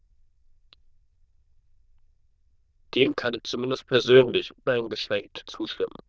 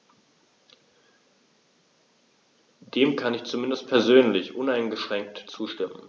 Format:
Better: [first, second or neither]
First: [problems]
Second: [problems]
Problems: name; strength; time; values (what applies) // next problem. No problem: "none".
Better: second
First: noise reduction (neural diffusion model UNIVERSE++)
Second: none